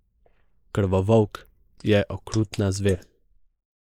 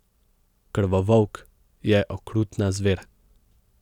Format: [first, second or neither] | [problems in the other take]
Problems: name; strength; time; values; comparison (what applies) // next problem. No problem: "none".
second | noise reduction (neural mask model Resemble Enhance denoiser)